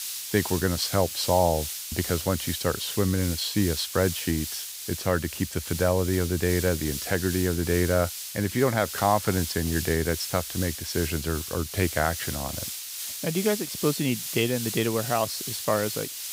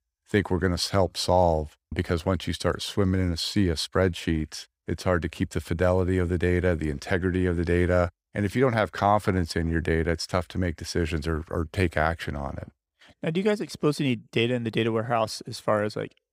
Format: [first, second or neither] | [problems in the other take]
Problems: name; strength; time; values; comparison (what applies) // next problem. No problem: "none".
second | hiss; loud; throughout; 5 dB below the speech